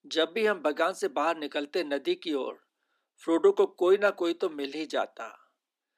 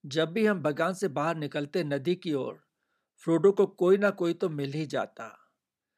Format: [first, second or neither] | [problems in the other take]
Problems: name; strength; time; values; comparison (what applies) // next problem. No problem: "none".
second | thin; somewhat; fading below 250 Hz